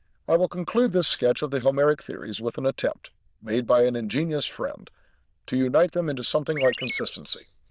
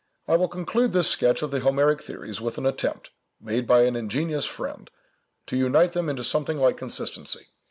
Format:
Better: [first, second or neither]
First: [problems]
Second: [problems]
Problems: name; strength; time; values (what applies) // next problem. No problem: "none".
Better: second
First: noise reduction (neural diffusion model UNIVERSE++)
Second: none